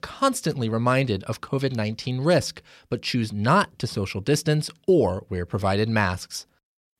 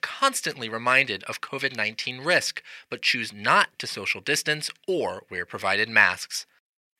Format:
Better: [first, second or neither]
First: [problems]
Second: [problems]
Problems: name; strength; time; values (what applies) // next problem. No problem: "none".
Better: first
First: none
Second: thin; somewhat; fading below 1 kHz